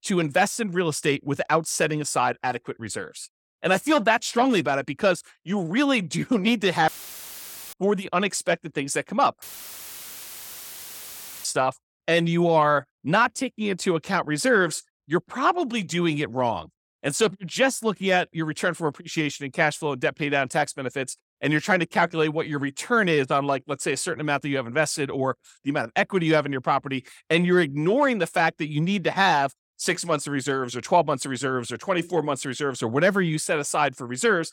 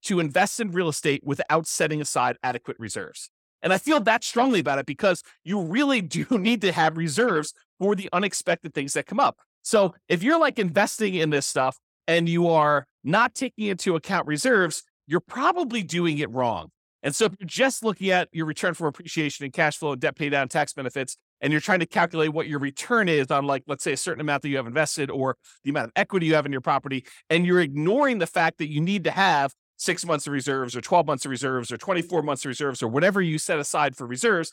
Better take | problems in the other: second | audio cutting out; filled with static; at 7 s for 1 s and at 9.5 s for 2 s

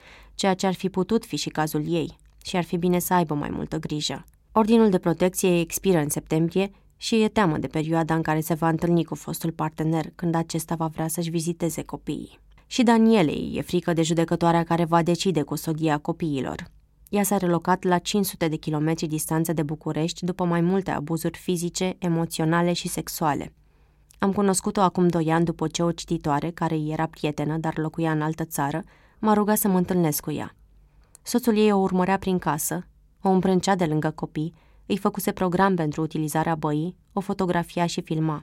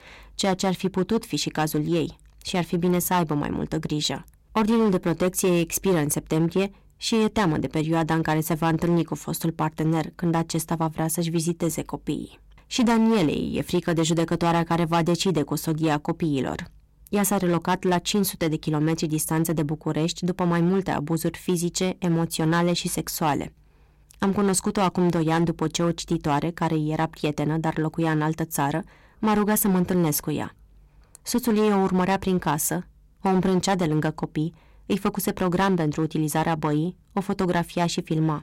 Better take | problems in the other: first | distortion; slight; 7% of the sound clipped

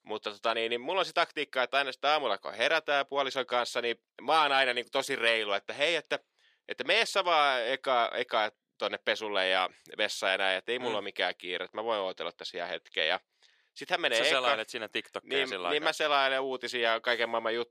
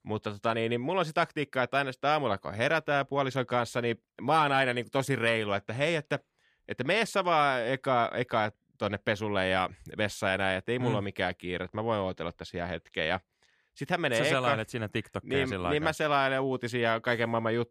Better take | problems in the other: second | thin; somewhat; fading below 450 Hz

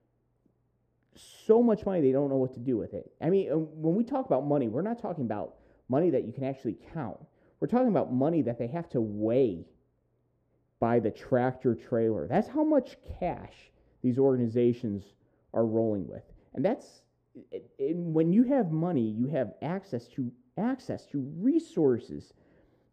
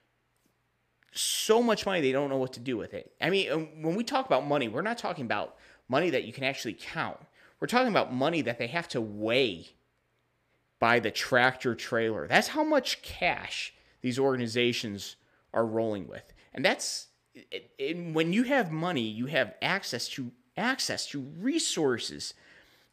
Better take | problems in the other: second | muffled; very; fading above 1 kHz

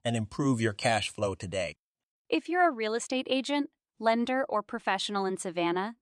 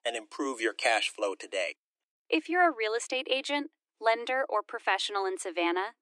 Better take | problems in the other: first | thin; somewhat; fading below 300 Hz

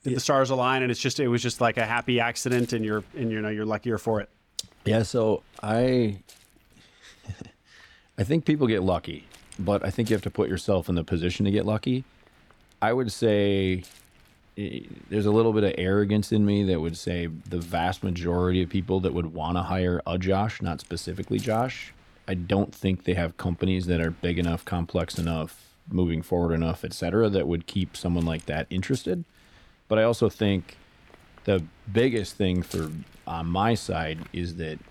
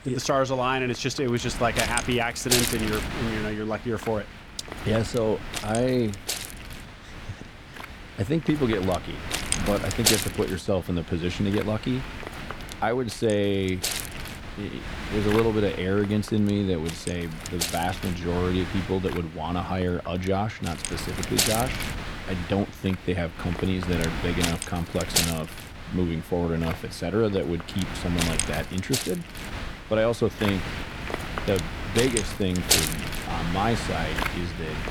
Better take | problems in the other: first | wind noise on the microphone; heavy; 2 dB below the speech; occasional gusts in the first

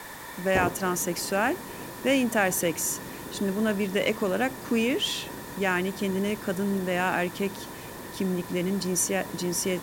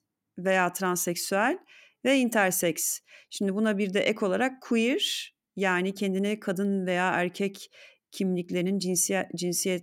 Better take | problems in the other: second | hiss; noticeable; throughout; 10 dB below the speech

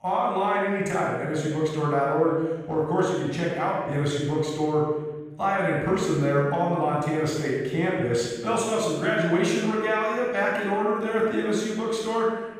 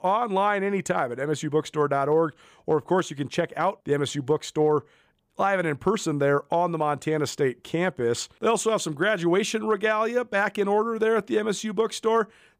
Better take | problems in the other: second | room echo; strong; dies away in 1.3 s // off-mic speech; far

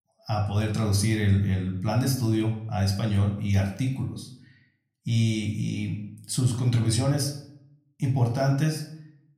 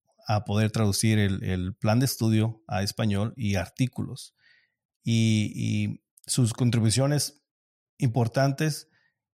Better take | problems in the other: second | room echo; slight; dies away in 0.5 s // off-mic speech; somewhat distant

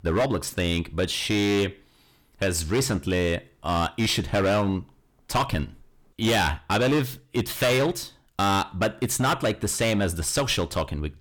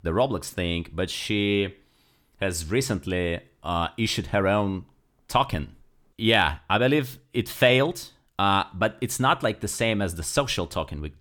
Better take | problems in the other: second | distortion; heavy; 12% of the sound clipped

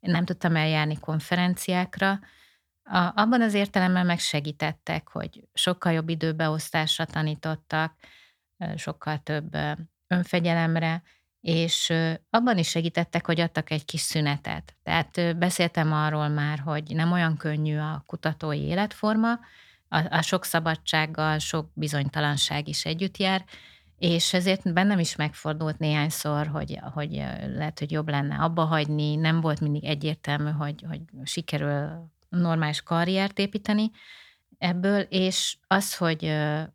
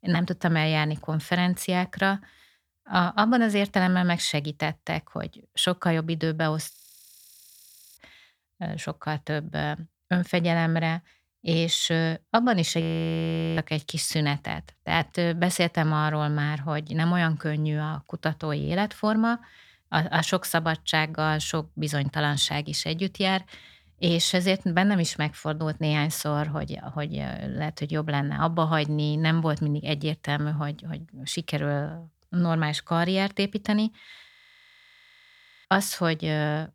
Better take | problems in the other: first | audio freezing; at 6.5 s for 1 s, at 13 s for 1 s and at 34 s for 1.5 s

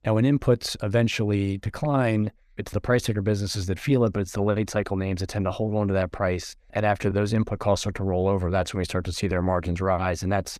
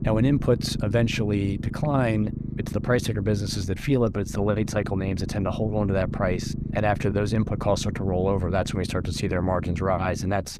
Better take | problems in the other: first | low rumble; noticeable; throughout; 15 dB below the speech

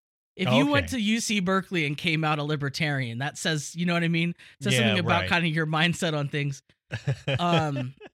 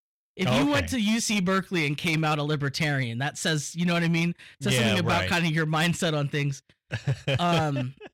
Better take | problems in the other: first | distortion; slight; 8% of the sound clipped

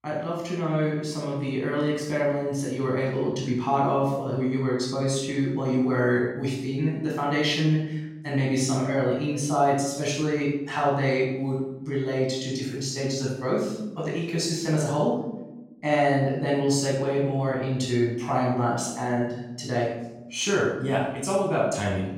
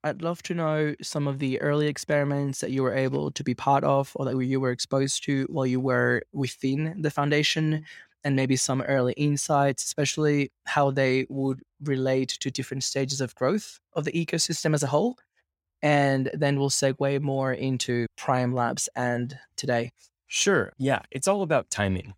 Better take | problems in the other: second | off-mic speech; far // room echo; noticeable; dies away in 0.9 s

